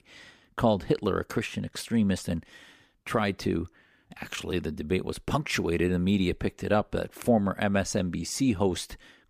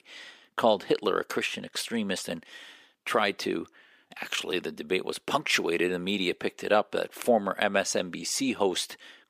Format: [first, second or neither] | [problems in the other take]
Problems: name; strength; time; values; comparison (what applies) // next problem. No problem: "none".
first | thin; somewhat; fading below 350 Hz